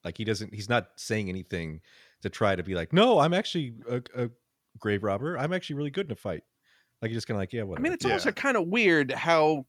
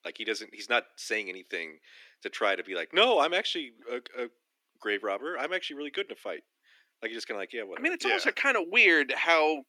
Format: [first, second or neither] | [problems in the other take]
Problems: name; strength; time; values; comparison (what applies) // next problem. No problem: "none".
first | thin; somewhat; fading below 300 Hz